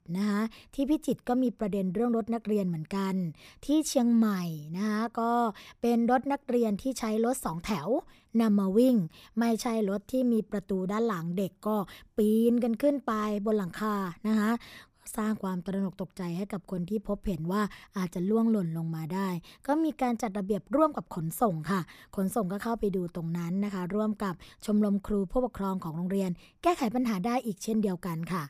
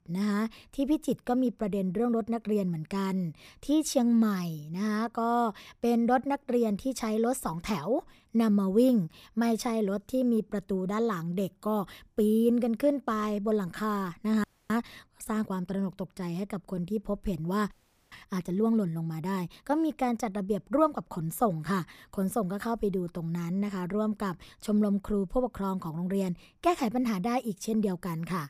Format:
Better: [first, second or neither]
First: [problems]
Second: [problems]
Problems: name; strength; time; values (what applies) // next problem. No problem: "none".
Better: first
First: none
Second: audio freezing; at 14 s and at 18 s